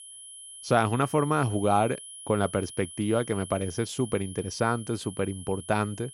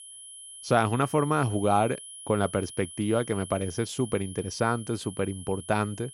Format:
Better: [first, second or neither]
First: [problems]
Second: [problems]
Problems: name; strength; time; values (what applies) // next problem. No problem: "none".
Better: neither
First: high-pitched whine; noticeable; throughout; 10.5 kHz, 15 dB below the speech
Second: high-pitched whine; noticeable; throughout; 10.5 kHz, 15 dB below the speech